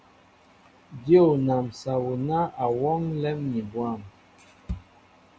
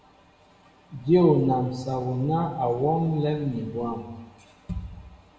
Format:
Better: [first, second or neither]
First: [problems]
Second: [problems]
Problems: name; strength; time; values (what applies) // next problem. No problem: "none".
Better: first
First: none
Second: room echo; dies away in 1 s